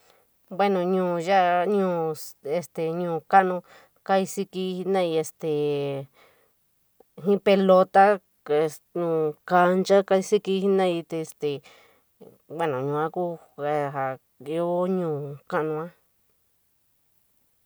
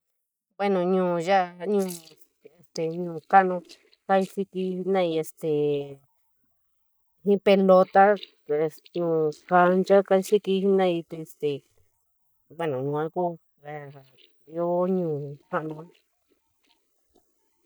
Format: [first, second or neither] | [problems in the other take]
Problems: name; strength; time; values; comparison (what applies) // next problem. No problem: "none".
first | noise reduction (neural mask model DeepFilterNet 3)